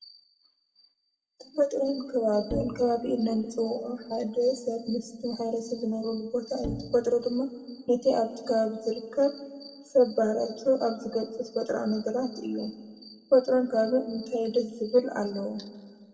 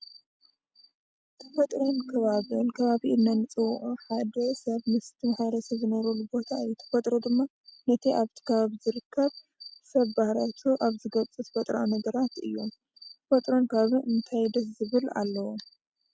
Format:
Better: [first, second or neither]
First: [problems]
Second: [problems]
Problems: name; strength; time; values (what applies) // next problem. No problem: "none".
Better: second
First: background sound (Bowed string instrument); 11 dB below the speech // room echo; dies away in 1.3 s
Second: none